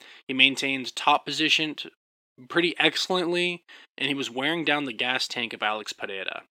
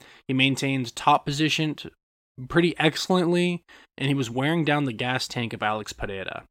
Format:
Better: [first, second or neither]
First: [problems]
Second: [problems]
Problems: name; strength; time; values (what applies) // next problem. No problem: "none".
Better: second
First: thin; very slightly; fading below 300 Hz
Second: none